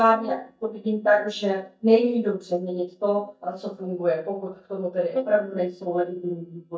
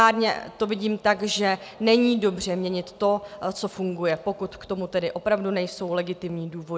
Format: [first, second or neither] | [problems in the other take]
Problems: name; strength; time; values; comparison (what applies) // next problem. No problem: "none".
second | noise reduction (neural mask model DeepFilterNet 3)